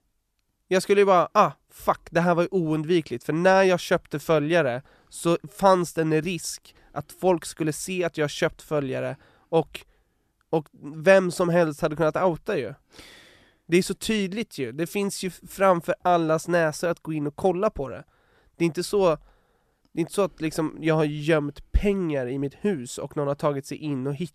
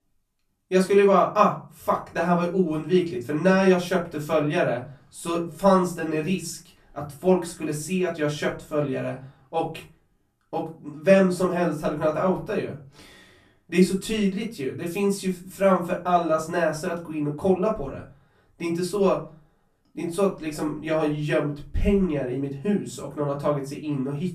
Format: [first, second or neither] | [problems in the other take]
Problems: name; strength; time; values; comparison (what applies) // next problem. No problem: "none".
first | off-mic speech; far // room echo; slight; dies away in 0.3 s